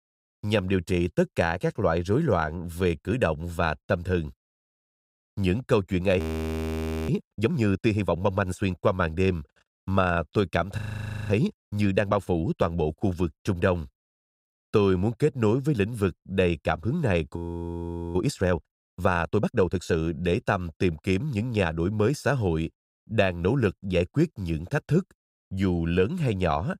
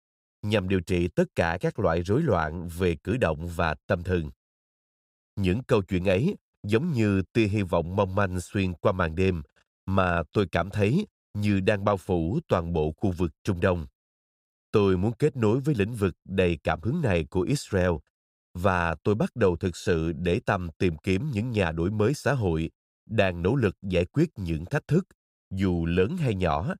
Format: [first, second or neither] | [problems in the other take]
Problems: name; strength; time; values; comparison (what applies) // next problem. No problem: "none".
second | audio freezing; at 6 s for 1 s, at 11 s for 0.5 s and at 17 s for 1 s